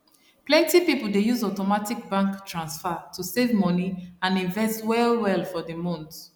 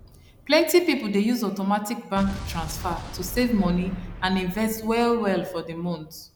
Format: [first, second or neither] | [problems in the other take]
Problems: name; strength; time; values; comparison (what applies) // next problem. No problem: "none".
first | background sound (Explosion); 14 dB below the speech